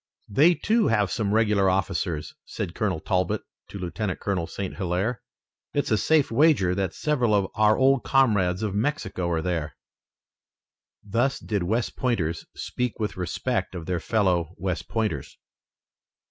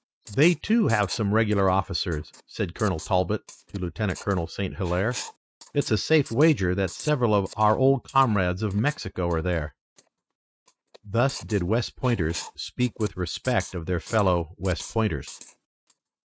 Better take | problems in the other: first | noise reduction (neural mask model RNNoise)

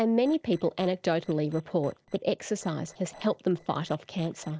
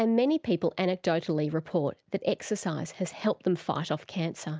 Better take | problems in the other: second | noise reduction (neural separator model SepFormer DNS4)

